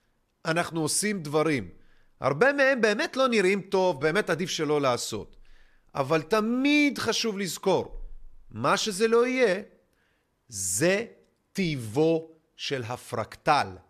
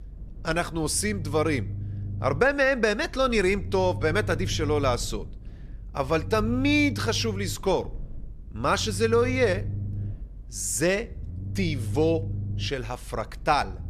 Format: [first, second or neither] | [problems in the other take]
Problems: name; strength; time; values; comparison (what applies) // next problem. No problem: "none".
first | low rumble; faint; throughout; 20 dB below the speech